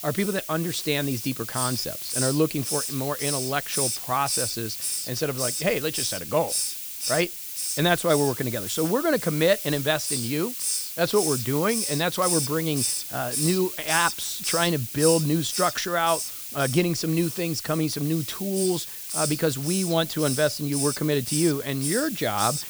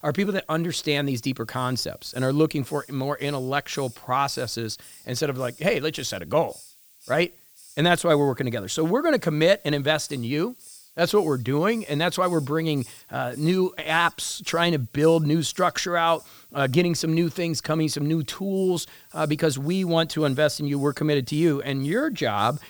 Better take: second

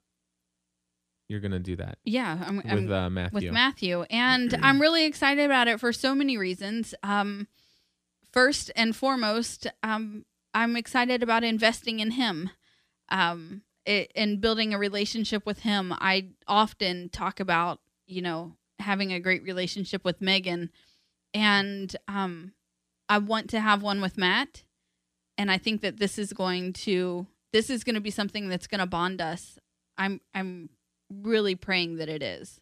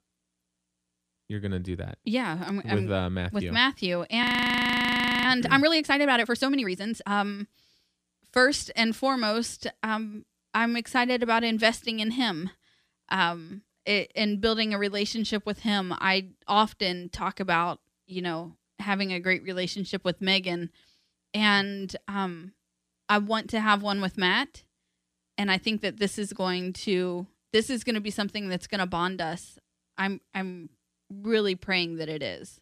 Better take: first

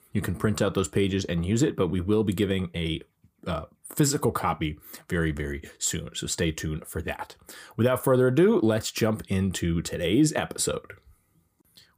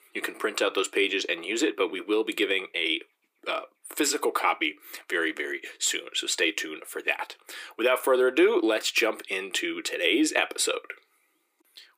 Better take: first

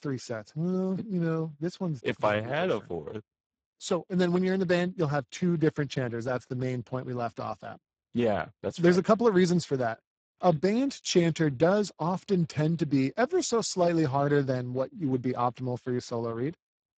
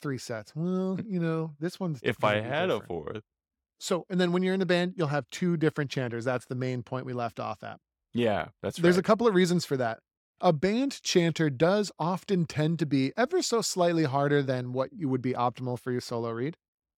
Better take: second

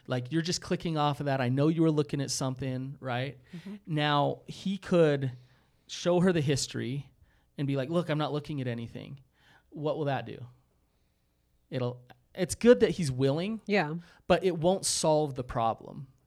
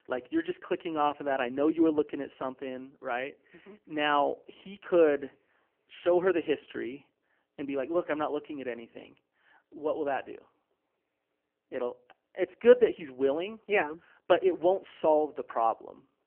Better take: first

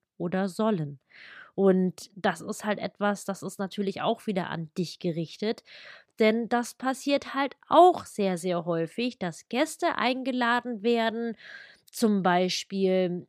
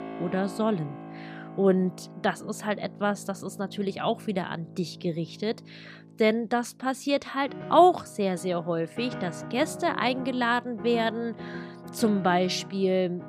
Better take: first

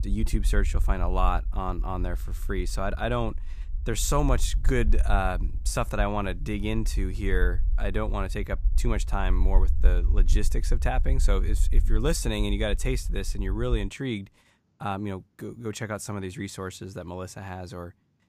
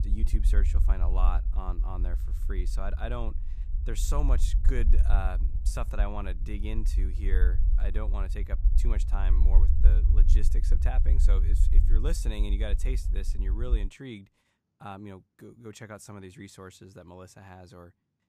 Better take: first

